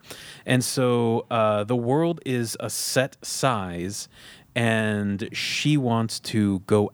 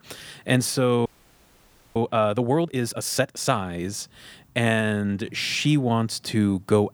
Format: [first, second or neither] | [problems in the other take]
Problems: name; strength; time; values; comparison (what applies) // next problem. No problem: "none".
first | audio freezing; at 1 s for 1 s